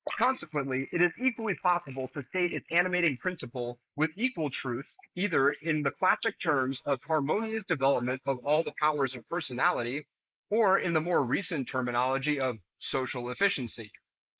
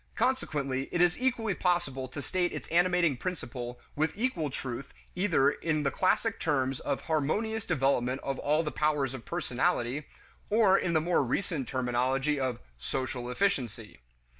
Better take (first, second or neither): second